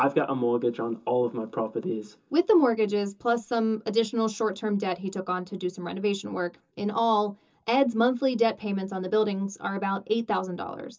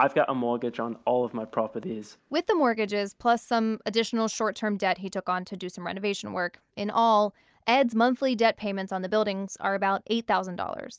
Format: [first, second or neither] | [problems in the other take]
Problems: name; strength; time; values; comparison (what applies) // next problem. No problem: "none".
second | room echo; dies away in 0.2 s